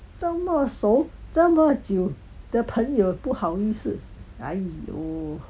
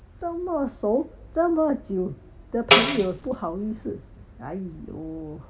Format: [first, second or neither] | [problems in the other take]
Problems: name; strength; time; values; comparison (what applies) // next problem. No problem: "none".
first | background sound (Tambourine); 4 dB above the speech // room echo; dies away in 1.1 s